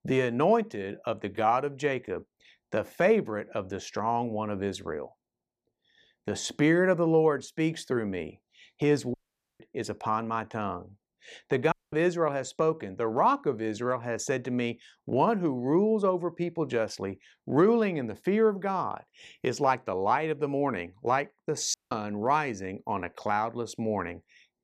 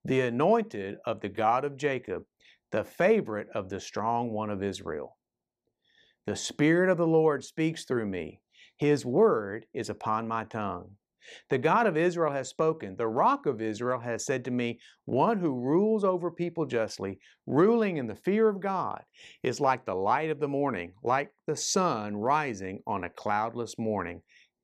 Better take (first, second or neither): second